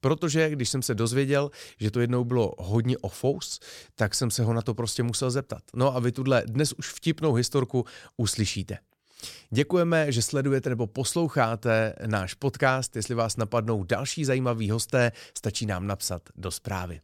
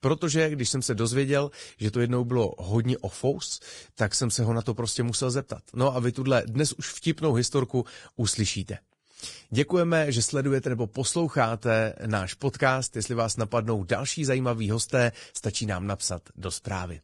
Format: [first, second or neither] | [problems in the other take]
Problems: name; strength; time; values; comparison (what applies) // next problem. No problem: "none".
first | garbled, watery; badly; nothing above 10 kHz